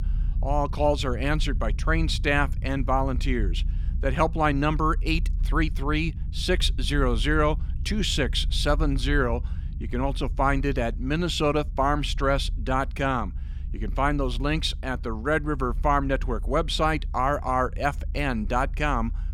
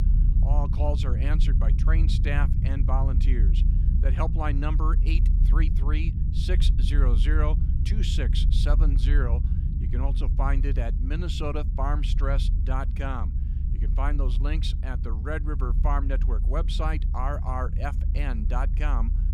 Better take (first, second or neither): first